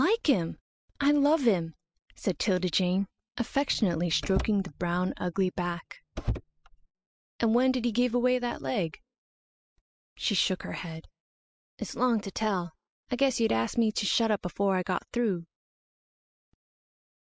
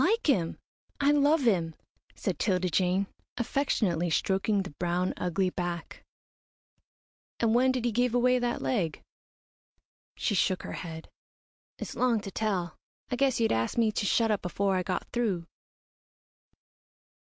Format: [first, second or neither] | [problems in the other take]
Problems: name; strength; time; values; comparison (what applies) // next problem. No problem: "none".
second | noise reduction (classical method spectral subtraction)